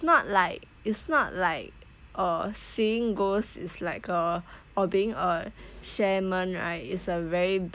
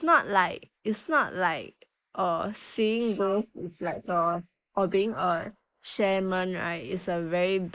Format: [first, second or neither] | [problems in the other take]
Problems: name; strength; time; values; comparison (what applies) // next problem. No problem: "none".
first | noise reduction (neural mask model Resemble Enhance denoiser)